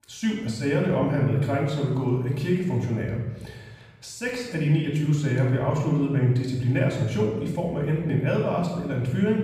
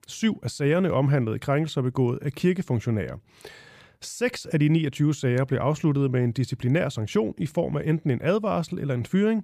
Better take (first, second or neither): second